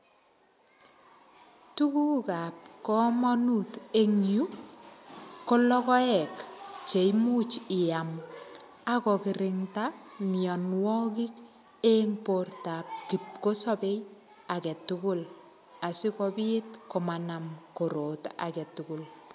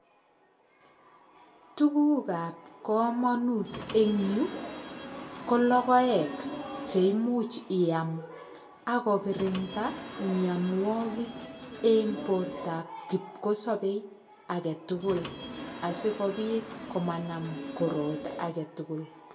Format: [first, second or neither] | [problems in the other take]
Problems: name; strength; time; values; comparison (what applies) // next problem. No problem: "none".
first | background sound (Subway, metro, underground / Sliding door); 10 dB below the speech // room echo; dies away in 0.2 s